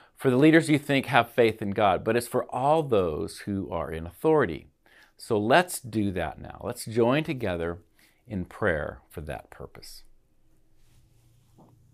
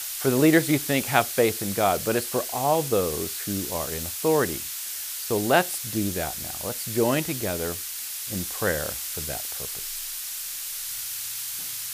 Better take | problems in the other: first | hiss; loud; throughout; 4 dB below the speech

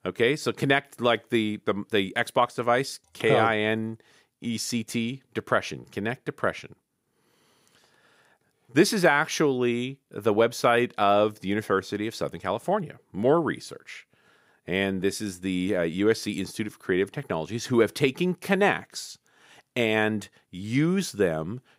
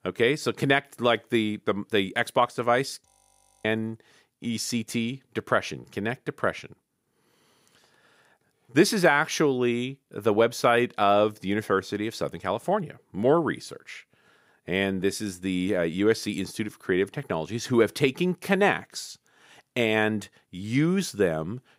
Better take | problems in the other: first | audio freezing; at 3 s for 0.5 s

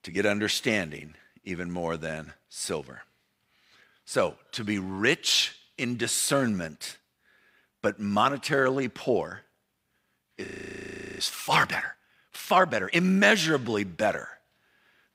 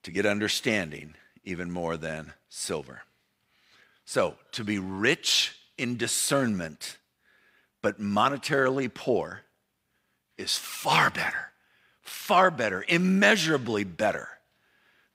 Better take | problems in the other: second | audio freezing; at 10 s for 0.5 s

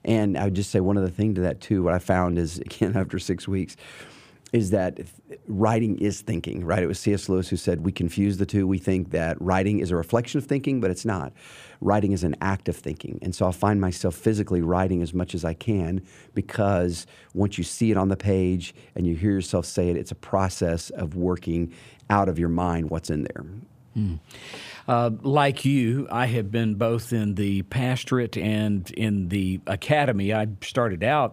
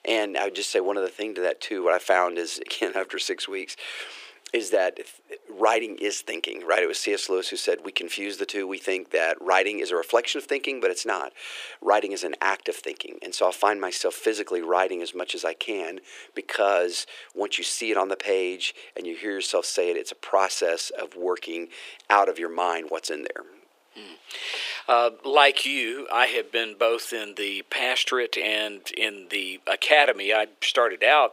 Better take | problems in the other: first | thin; very; fading below 350 Hz

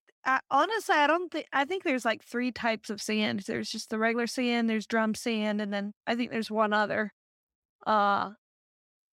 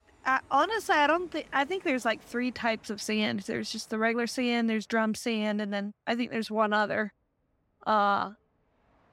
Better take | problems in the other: first | train or aircraft noise; faint; throughout; 30 dB below the speech

